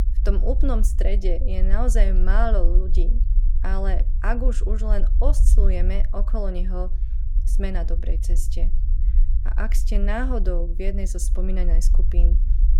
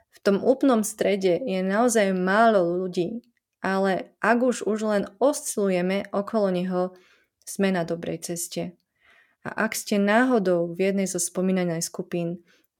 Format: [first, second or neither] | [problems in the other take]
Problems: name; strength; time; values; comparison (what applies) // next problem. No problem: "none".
second | low rumble; noticeable; throughout; 15 dB below the speech